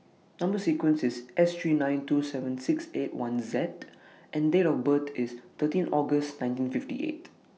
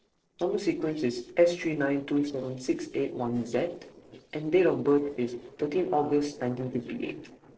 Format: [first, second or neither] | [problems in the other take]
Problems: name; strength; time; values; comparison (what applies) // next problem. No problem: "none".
first | noise reduction (neural separator model SepFormer DNS4)